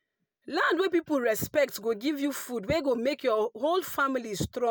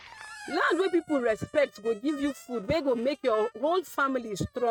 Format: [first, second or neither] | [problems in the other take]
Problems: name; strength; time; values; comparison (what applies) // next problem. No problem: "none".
first | noise reduction (neural mask model RNNoise)